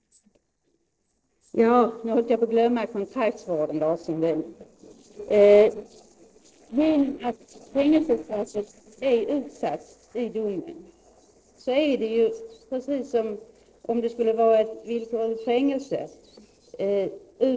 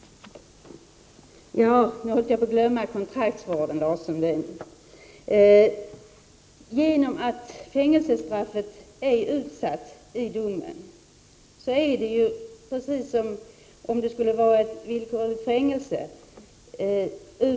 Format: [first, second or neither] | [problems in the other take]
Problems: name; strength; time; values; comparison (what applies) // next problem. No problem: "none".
second | noise reduction (neural separator model SepFormer DNS4)